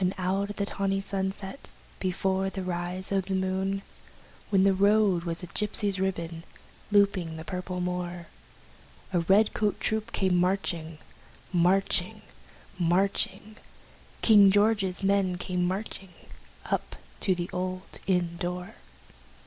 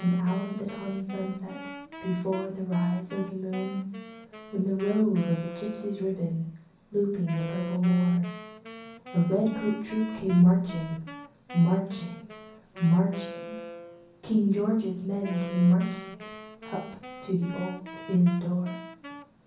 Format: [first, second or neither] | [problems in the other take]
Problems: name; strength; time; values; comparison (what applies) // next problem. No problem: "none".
first | background sound (Wind instrument, woodwind instrument); 15 dB below the speech // room echo; dies away in 0.6 s